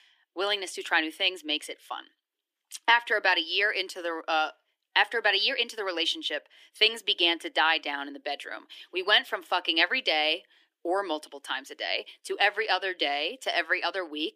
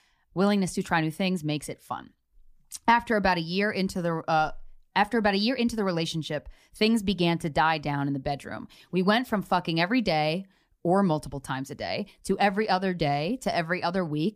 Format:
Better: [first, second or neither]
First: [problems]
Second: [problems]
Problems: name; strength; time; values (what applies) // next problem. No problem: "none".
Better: second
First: thin; very; fading below 300 Hz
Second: none